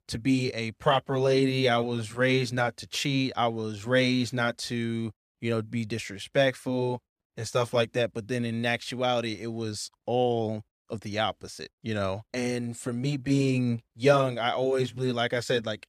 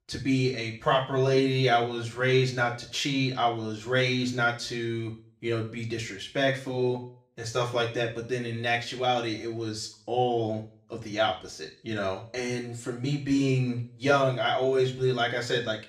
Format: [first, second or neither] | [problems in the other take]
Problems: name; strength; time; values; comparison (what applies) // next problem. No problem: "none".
first | room echo; slight; dies away in 0.4 s // off-mic speech; far